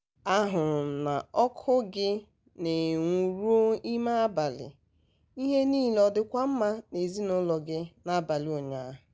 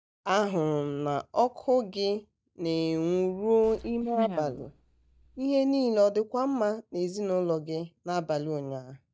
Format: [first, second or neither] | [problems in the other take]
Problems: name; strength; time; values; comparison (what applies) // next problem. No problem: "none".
first | noise reduction (neural mask model DeepFilterNet 3)